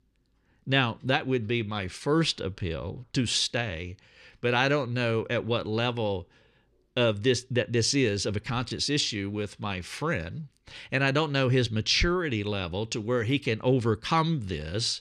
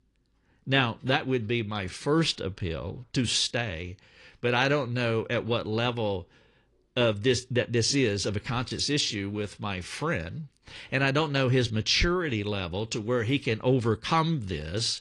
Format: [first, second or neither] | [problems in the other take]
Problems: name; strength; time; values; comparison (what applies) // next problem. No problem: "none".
first | garbled, watery; slightly